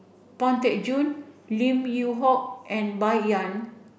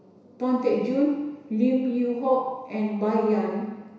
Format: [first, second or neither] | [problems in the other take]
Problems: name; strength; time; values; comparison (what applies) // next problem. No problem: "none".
first | room echo; dies away in 1 s